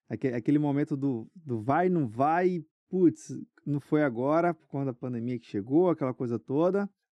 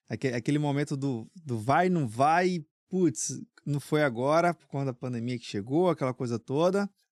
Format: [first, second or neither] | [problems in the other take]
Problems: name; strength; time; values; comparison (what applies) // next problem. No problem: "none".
second | muffled; slightly; fading above 3 kHz